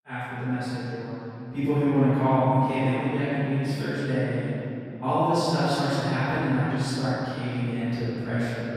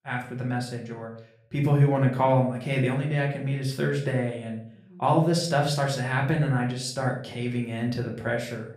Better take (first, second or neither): second